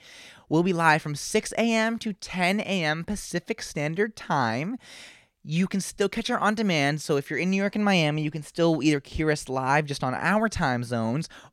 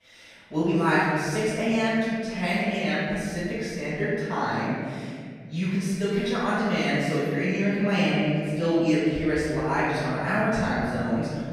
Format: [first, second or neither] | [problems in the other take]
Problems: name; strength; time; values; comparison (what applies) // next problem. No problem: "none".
first | off-mic speech; far // room echo; strong; dies away in 2.2 s